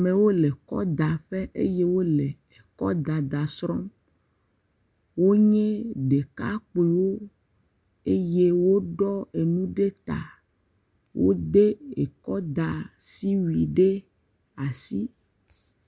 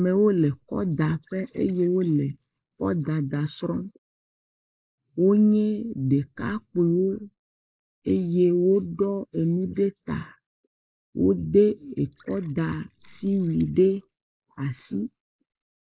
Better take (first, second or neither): first